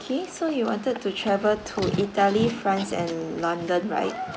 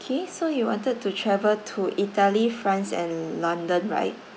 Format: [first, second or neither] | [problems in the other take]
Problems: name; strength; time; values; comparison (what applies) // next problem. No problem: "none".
second | background sound (Livestock, farm animals, working animals); 10 dB below the speech